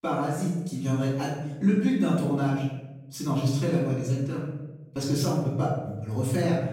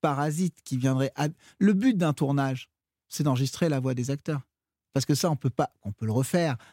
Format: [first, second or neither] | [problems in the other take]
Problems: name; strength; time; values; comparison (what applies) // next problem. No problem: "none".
second | off-mic speech; far // room echo; noticeable; dies away in 0.9 s